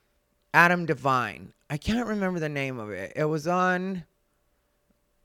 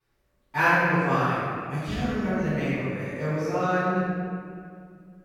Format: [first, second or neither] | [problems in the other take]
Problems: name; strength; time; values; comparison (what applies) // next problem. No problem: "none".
first | off-mic speech; far // room echo; strong; dies away in 2.2 s